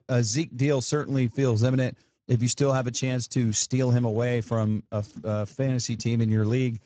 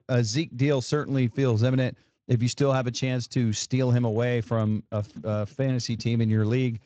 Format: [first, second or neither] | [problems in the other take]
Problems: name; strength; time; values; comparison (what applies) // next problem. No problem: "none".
second | garbled, watery; badly; nothing above 7.5 kHz; slightly in the second